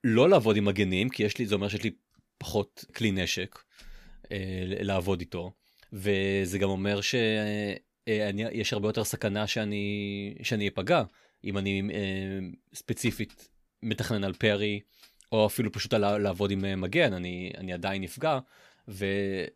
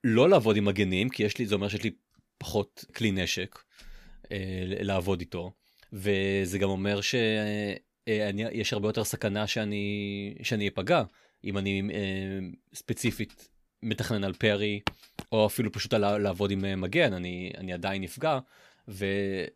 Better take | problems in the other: first | footsteps; very faint; at 15 s; peak 6 dB below the speech

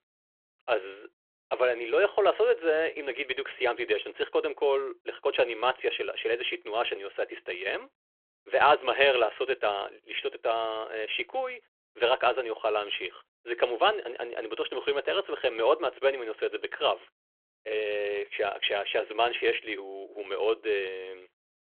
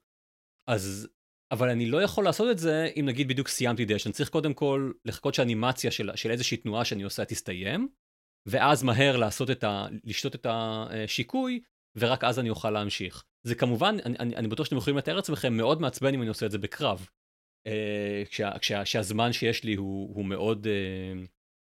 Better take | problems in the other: second | phone-call audio

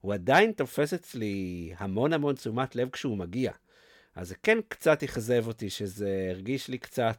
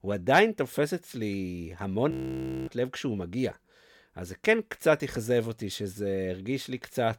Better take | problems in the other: first | audio freezing; at 2 s for 0.5 s

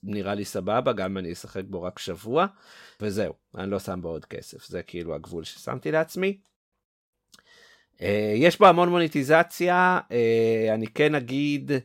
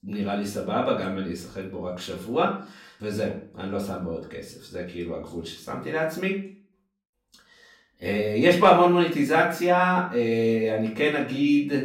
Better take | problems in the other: first | room echo; slight; dies away in 0.4 s // off-mic speech; far

